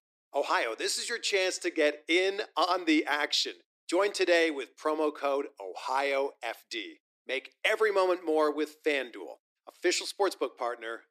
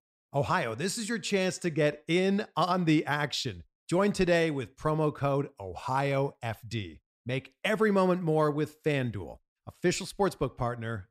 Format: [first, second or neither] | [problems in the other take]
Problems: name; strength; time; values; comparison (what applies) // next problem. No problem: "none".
second | thin; very; fading below 300 Hz